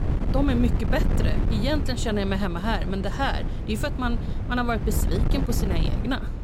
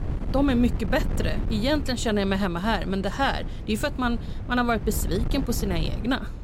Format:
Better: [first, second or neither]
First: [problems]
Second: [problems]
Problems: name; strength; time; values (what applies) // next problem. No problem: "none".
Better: second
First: wind noise on the microphone; heavy; 8 dB below the speech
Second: wind noise on the microphone; occasional gusts; 15 dB below the speech